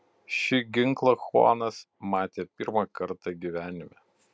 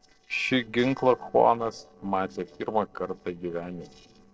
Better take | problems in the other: first | noise reduction (neural separator model SepFormer DNS4)

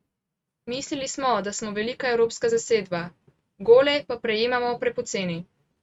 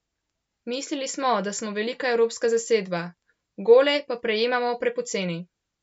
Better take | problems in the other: second | noise reduction (neural mask model RNNoise)

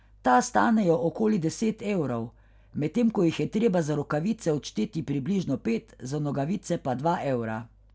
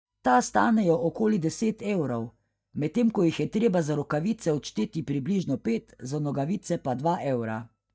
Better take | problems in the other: first | noise reduction (neural mask model DeepFilterNet 3)

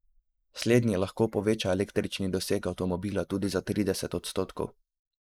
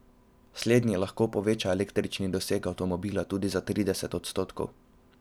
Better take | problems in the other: second | noise reduction (neural mask model Resemble Enhance denoiser)

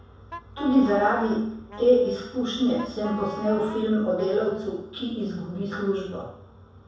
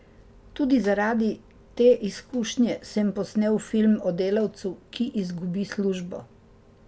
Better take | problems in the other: second | background sound (Wind instrument, woodwind instrument); 15 dB below the speech // room echo; dies away in 0.7 s

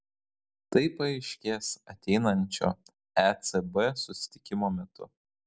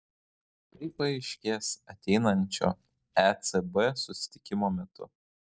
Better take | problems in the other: first | noise reduction (neural mask model DeepFilterNet 3)

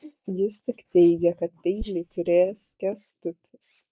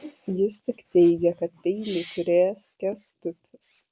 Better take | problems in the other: second | noise reduction (neural mask model DeepFilterNet 3)

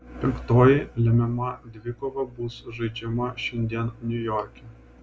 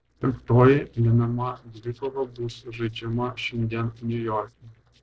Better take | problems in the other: first | noise reduction (neural separator model SepFormer DNS4)

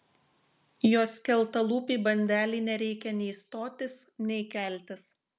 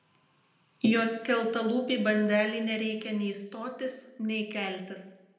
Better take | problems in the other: first | room echo; dies away in 0.7 s

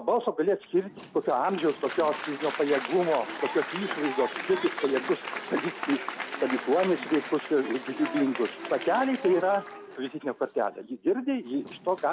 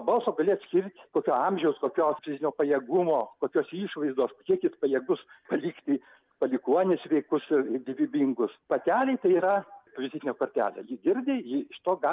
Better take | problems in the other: second | background sound (Applause); 10 dB below the speech

